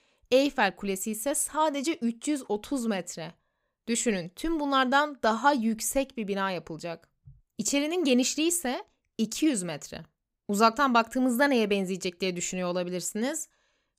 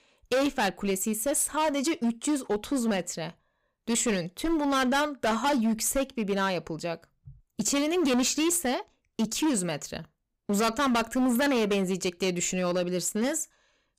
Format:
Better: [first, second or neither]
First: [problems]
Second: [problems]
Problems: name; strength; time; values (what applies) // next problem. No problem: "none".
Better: first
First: none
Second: distortion; heavy; 13% of the sound clipped